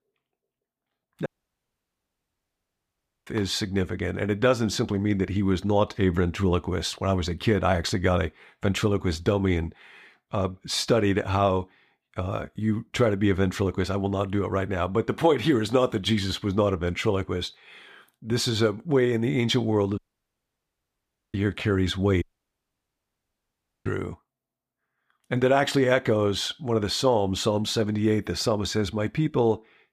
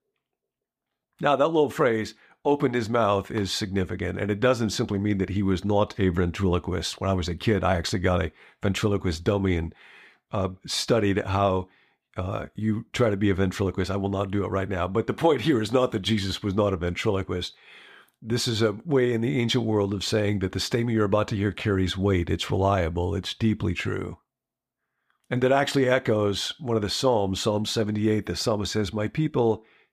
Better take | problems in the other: second | audio cutting out; at 1.5 s for 2 s, at 20 s for 1.5 s and at 22 s for 1.5 s

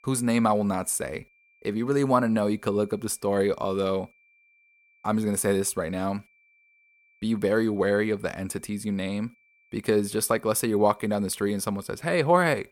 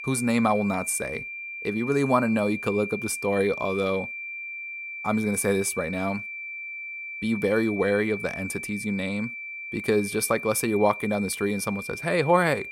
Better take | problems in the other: first | high-pitched whine; loud; throughout; 2.5 kHz, 8 dB below the speech; faint in the first

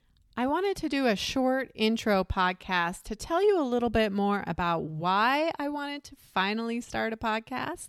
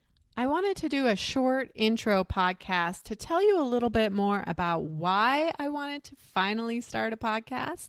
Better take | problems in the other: first | garbled, watery; slightly; nothing above 18.5 kHz

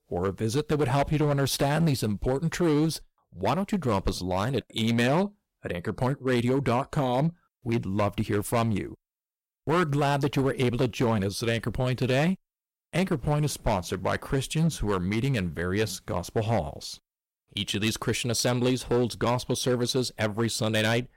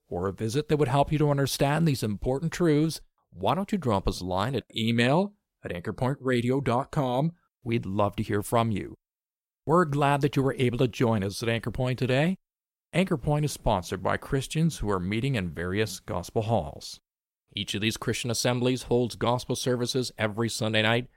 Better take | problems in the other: second | distortion; slight; 8% of the sound clipped

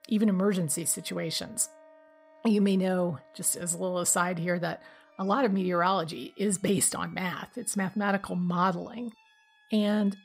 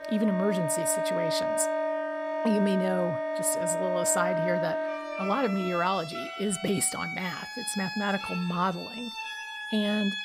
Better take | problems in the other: first | background music; loud; throughout; 2 dB below the speech; faint in the first

